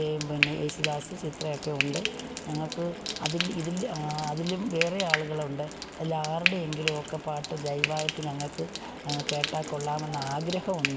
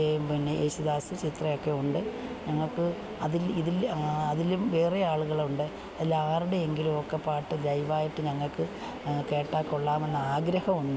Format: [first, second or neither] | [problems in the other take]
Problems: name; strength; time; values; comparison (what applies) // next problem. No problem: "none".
second | background sound (Frying (food)); 3 dB below the speech